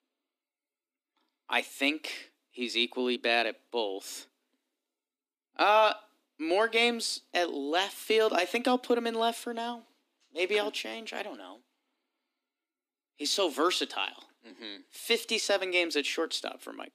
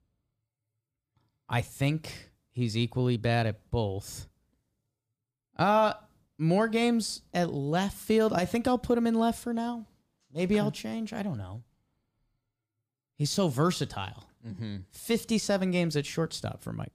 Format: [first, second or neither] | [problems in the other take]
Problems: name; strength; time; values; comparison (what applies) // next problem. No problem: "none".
second | thin; somewhat; fading below 250 Hz